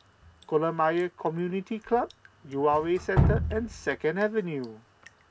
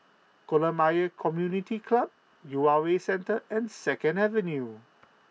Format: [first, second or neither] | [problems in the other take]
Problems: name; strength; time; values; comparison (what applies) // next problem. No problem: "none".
second | background sound (Drip); 4 dB below the speech